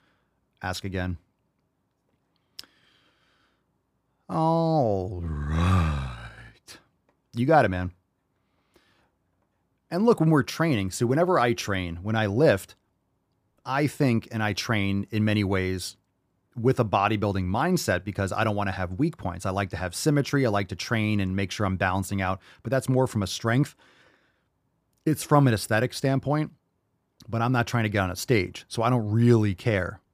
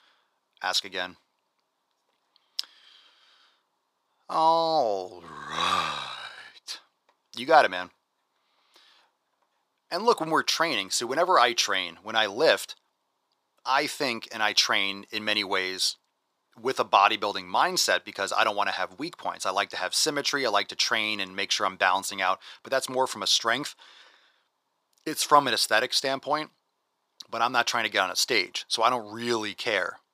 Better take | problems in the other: first | thin; very; fading below 550 Hz

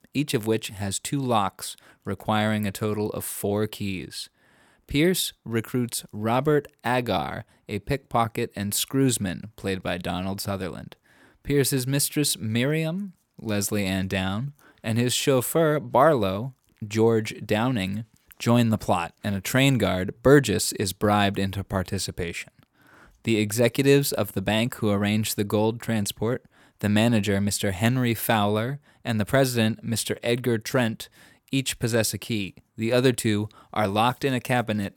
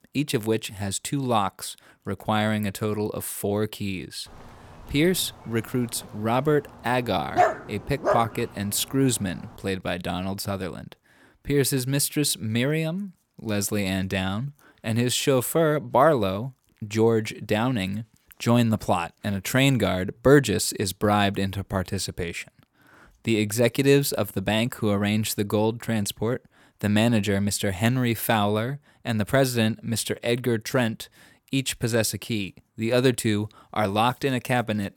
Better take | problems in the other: first | dog barking; loud; at 7.5 s; peak 2 dB above the speech

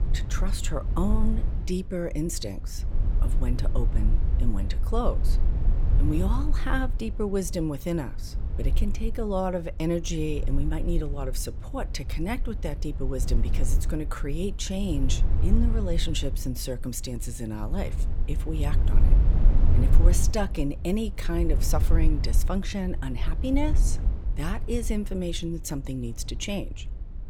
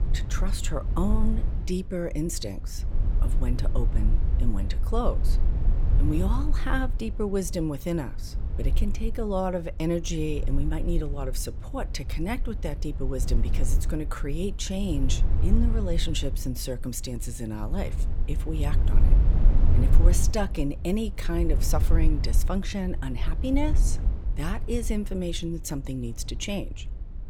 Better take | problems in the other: neither | low rumble; noticeable; throughout; 10 dB below the speech; the same in both

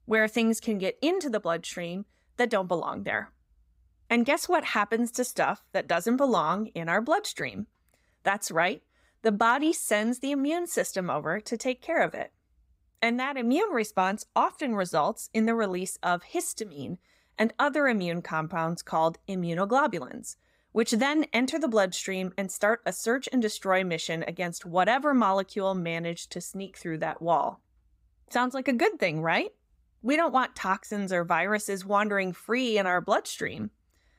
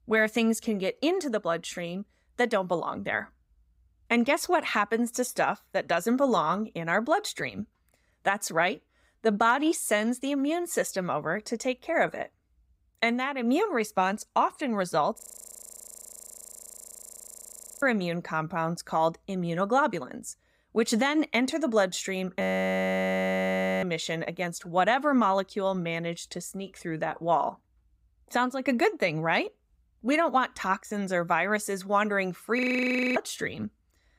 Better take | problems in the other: first | audio freezing; at 15 s for 2.5 s, at 22 s for 1.5 s and at 33 s for 0.5 s

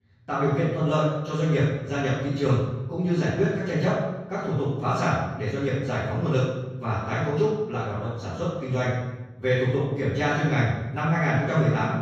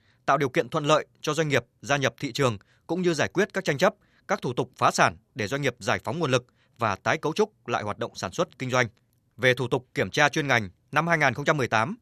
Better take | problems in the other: second | room echo; strong; dies away in 1.4 s // off-mic speech; far

